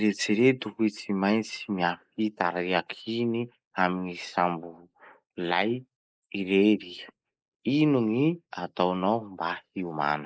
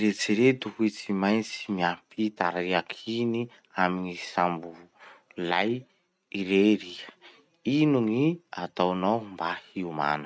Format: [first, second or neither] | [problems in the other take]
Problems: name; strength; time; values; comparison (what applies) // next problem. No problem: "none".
second | noise reduction (neural mask model Resemble Enhance denoiser)